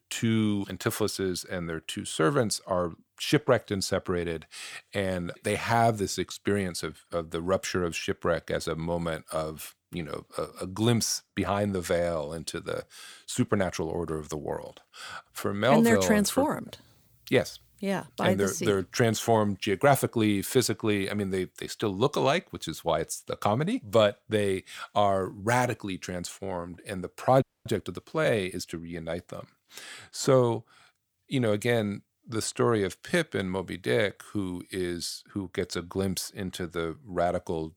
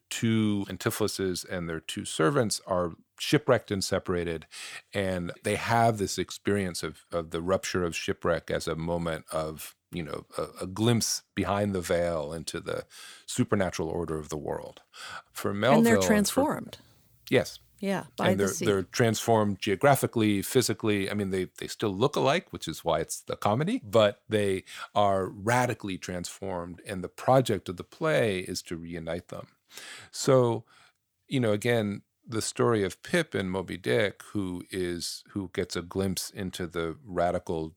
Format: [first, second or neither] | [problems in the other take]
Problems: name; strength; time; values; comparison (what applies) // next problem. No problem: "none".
second | audio freezing; at 27 s